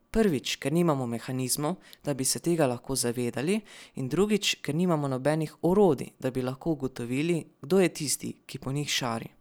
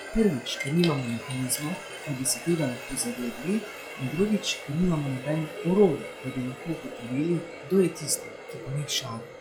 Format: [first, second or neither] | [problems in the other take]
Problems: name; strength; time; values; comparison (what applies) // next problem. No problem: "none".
first | noise reduction (classical method log-MMSE)